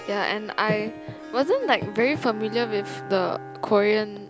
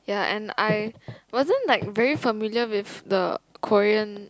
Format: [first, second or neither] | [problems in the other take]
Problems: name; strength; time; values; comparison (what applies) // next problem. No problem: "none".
second | background sound (Bowed string instrument + Harp); 14 dB below the speech